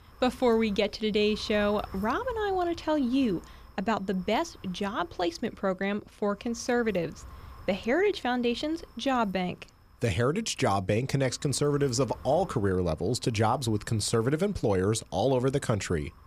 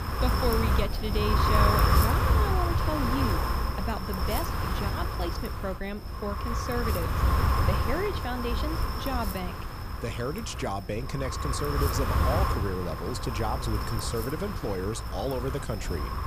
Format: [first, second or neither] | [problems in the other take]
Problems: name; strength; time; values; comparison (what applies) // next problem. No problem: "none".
first | wind noise on the microphone; heavy; 3 dB above the speech; occasional gusts in the first